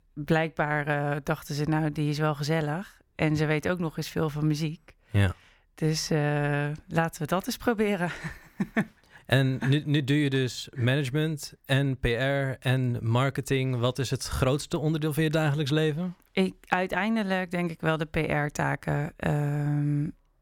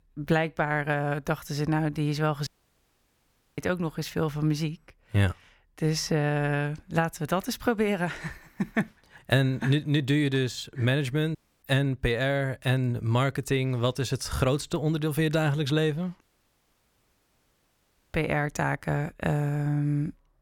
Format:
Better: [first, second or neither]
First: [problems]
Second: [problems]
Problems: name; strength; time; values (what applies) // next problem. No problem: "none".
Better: first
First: none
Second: audio cutting out; at 2.5 s for 1 s, at 11 s and at 16 s for 2 s